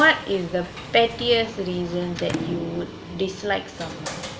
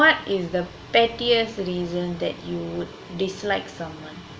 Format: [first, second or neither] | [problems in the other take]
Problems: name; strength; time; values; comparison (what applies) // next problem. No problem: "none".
second | background sound (Sliding door / Slam); 11 dB below the speech